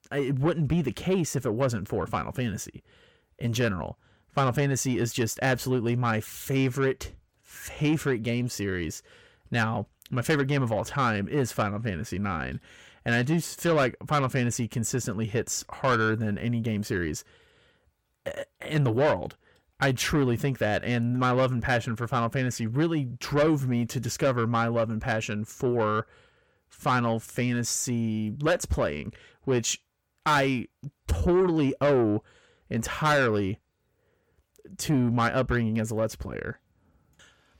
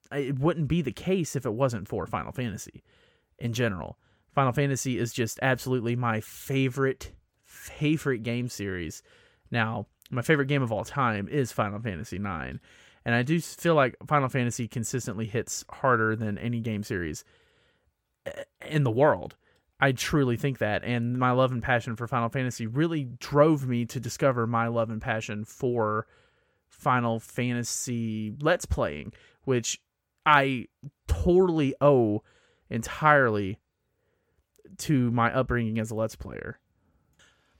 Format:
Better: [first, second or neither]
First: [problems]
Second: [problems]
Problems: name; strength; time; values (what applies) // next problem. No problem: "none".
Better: second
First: distortion; slight; 10 dB below the speech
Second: none